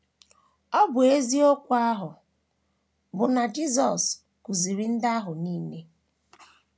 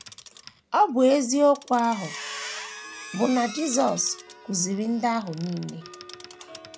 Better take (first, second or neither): first